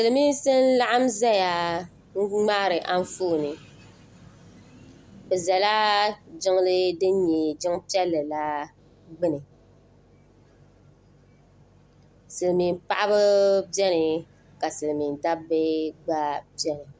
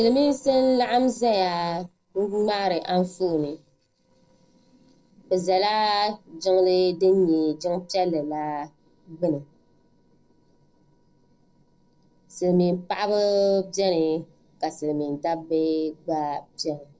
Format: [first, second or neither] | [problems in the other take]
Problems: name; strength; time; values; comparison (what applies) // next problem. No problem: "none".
first | noise reduction (neural separator model SepFormer DNS4)